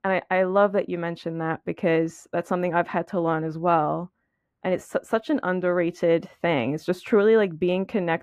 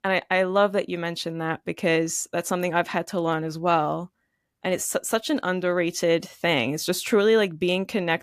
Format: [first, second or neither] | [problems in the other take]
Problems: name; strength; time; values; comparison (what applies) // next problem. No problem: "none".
second | muffled; very; fading above 3 kHz